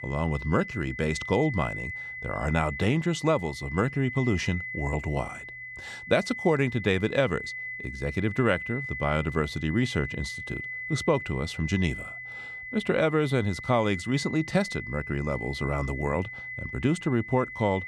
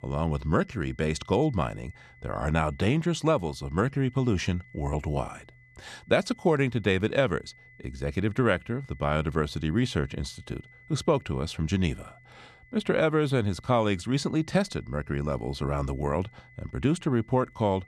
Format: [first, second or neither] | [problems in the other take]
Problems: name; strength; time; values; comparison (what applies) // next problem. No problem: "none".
second | high-pitched whine; loud; throughout; 2 kHz, 9 dB below the speech; faint in the second